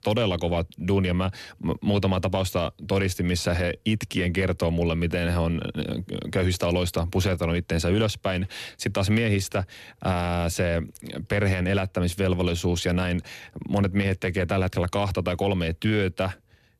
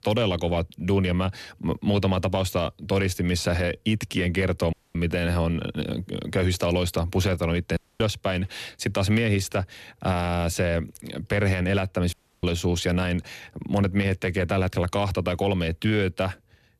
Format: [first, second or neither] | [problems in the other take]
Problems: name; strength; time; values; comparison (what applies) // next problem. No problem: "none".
first | audio cutting out; at 4.5 s, at 8 s and at 12 s